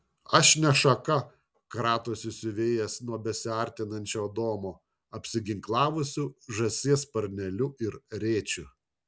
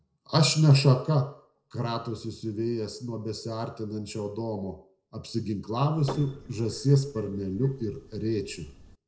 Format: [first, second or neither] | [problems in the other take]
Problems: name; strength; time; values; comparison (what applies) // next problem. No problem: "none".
first | noise reduction (neural separator model SepFormer DNS4)